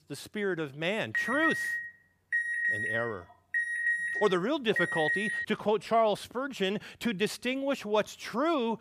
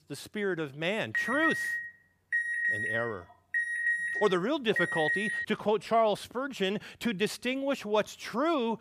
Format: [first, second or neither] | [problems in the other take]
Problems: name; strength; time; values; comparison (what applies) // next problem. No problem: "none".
neither | alarm; loud; from 1 to 5.5 s; peak 3 dB above the speech; the same in both